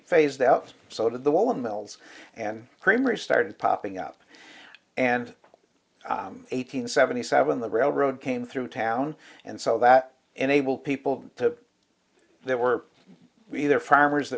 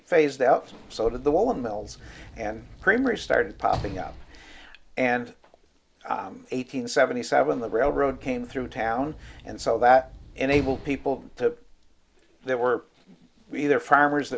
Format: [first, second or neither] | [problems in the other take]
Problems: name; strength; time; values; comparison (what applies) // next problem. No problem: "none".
first | background sound (Sliding door / Slam); 17 dB below the speech